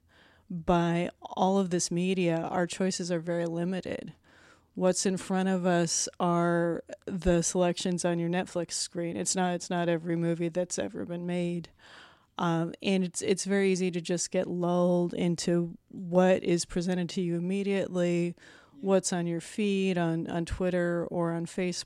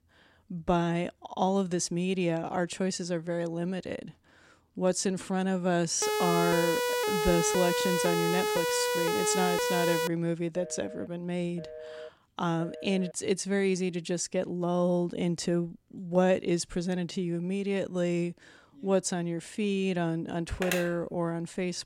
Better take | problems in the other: first | siren; loud; from 6 to 10 s; peak 2 dB above the speech // phone ringing; faint; from 11 to 13 s; peak 15 dB below the speech // phone ringing; noticeable; at 20 s; peak 3 dB below the speech

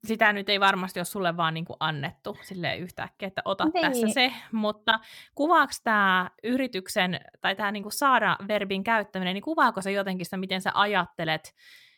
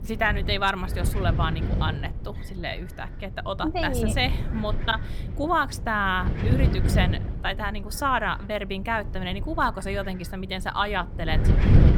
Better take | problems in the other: first | wind noise on the microphone; occasional gusts; 10 dB below the speech

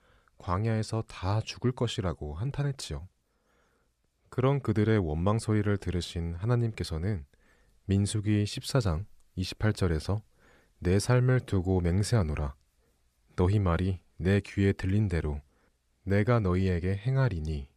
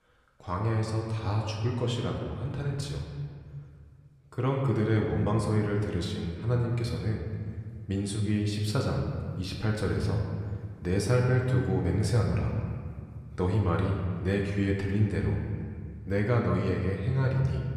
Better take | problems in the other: first | room echo; noticeable; dies away in 1.8 s // off-mic speech; somewhat distant

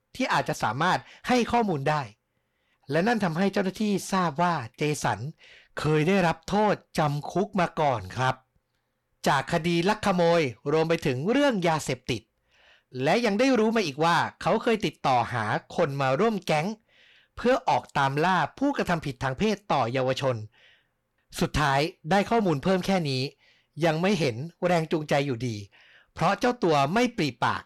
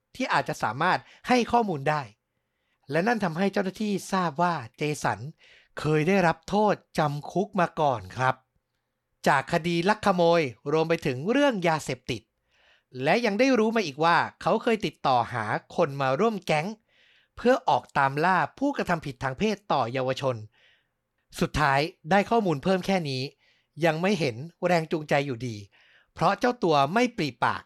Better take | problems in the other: second | distortion; slight; 10 dB below the speech

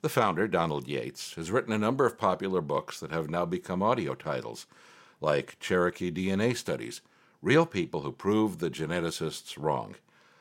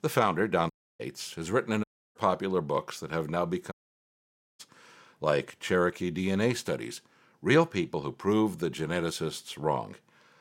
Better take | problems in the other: first | audio cutting out; at 0.5 s, at 2 s and at 3.5 s for 1 s

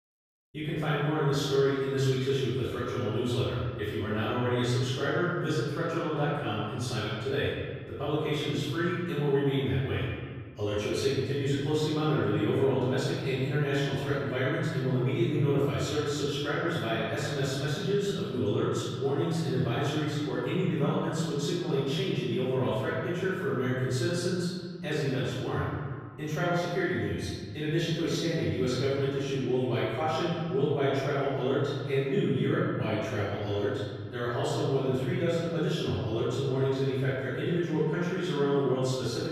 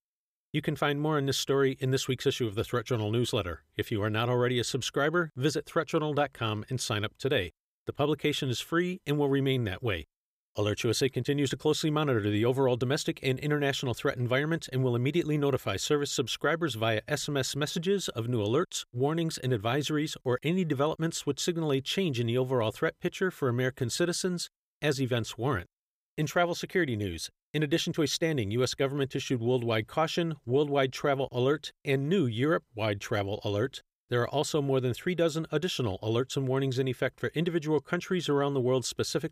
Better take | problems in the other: second | room echo; strong; dies away in 1.8 s // off-mic speech; far

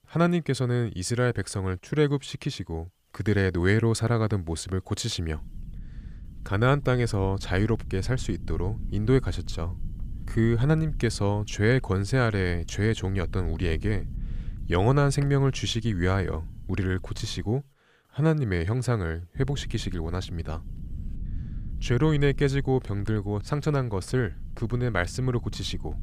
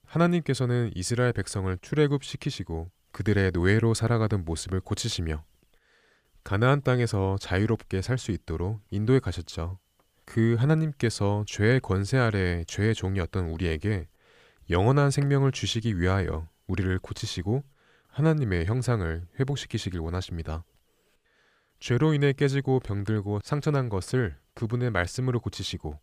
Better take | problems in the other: second | low rumble; faint; from 5.5 to 17 s and from 19 s on; 25 dB below the speech

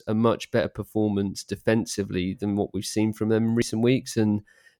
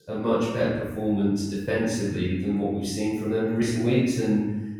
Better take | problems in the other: first | off-mic speech; far // room echo; strong; dies away in 1.1 s

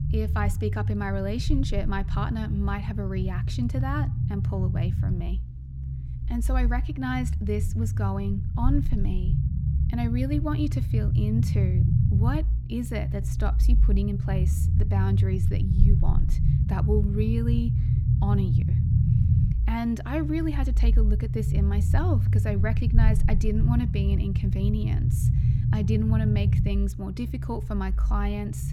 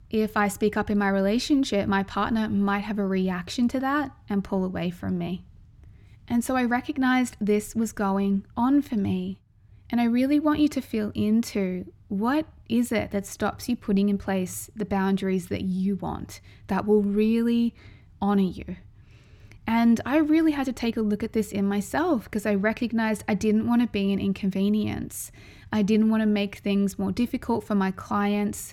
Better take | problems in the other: second | low rumble; loud; throughout; 5 dB below the speech

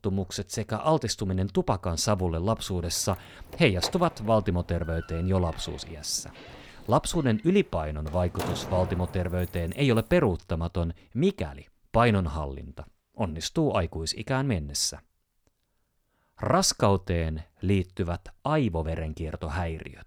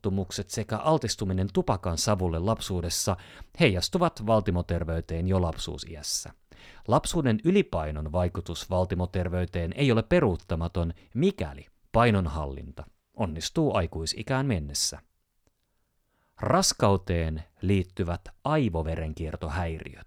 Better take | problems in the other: second | door banging; noticeable; from 3 to 10 s; peak 6 dB below the speech

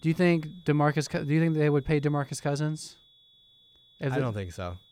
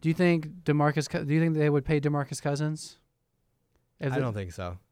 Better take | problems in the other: second | high-pitched whine; faint; throughout; 3.5 kHz, 30 dB below the speech

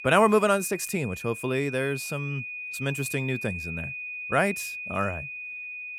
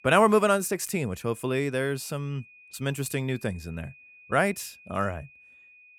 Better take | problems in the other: second | high-pitched whine; loud; throughout; 2.5 kHz, 7 dB below the speech; faint in the second

